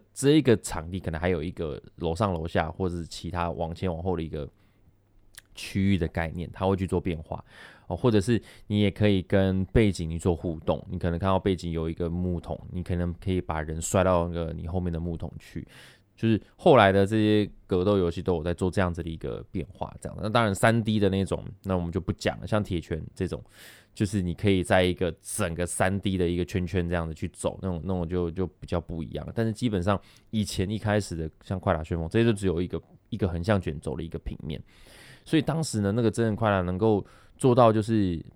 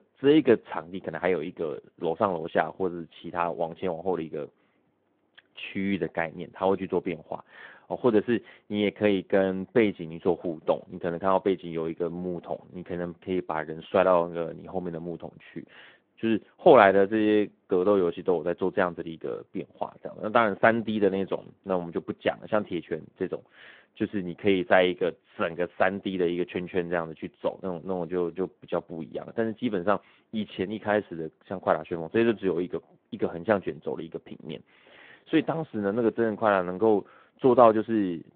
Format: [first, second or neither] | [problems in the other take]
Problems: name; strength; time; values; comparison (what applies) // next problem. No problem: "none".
first | phone-call audio